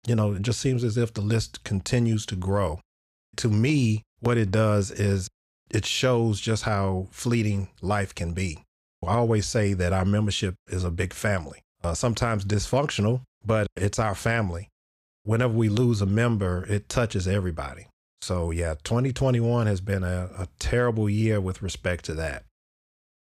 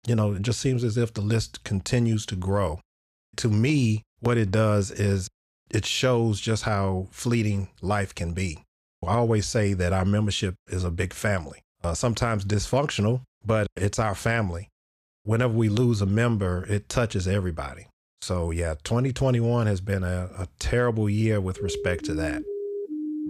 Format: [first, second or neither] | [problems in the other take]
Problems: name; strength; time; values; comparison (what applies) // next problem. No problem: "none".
first | siren; noticeable; from 22 s on; peak 5 dB below the speech